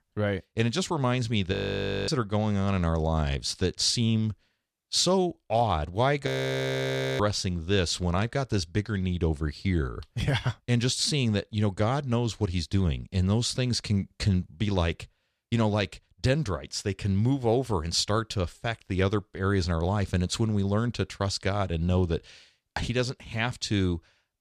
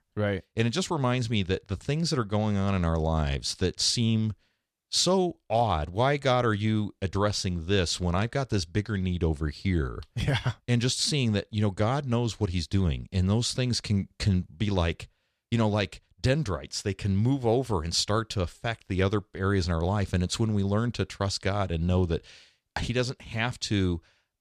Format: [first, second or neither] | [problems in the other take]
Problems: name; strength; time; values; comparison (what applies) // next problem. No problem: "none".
second | audio freezing; at 1.5 s for 0.5 s and at 6.5 s for 1 s